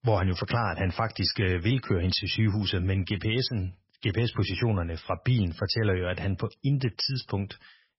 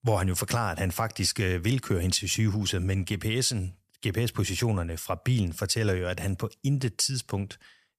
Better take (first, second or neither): second